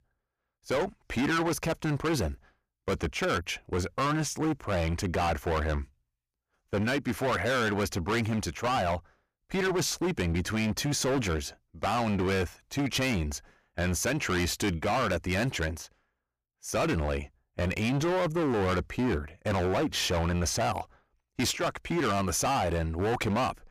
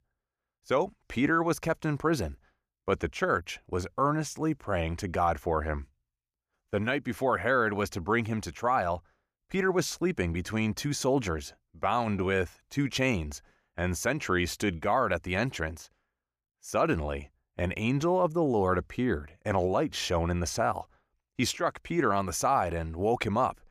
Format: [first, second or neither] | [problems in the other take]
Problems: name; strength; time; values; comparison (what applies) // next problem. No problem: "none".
second | distortion; heavy; 20% of the sound clipped